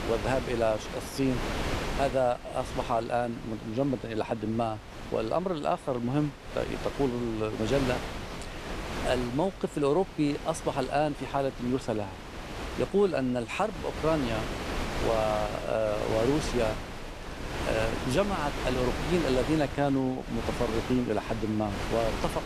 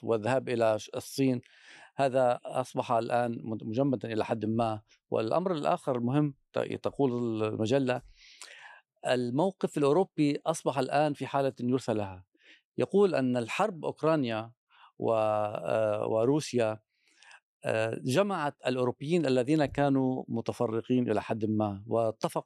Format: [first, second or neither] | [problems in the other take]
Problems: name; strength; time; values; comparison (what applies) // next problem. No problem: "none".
second | wind noise on the microphone; heavy; 7 dB below the speech